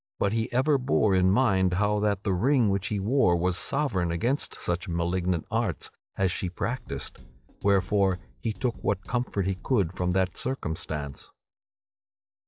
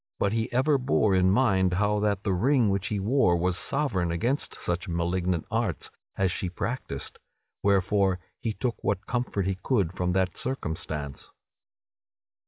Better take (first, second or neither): second